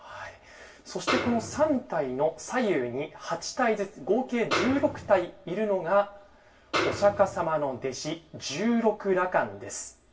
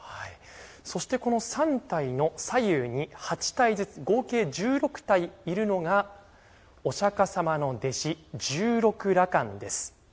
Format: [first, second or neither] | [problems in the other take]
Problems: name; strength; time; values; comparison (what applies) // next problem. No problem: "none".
second | background sound (Snare drum); 3 dB below the speech // room echo; dies away in 0.2 s